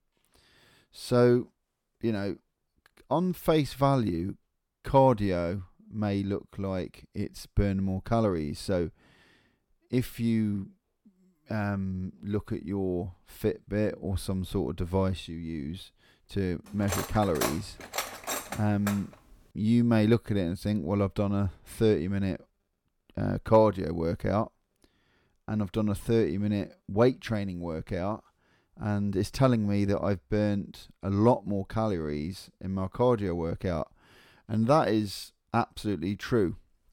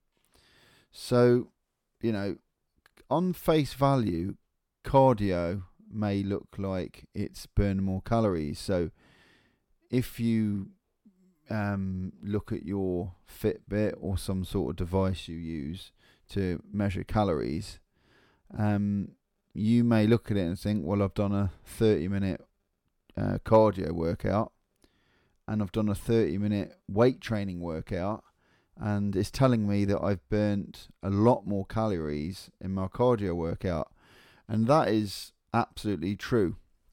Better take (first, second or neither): second